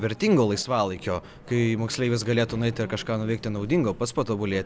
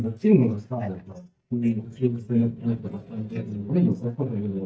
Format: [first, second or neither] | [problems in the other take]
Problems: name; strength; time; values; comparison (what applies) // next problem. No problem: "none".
first | noise reduction (neural mask model DeepFilterNet 3)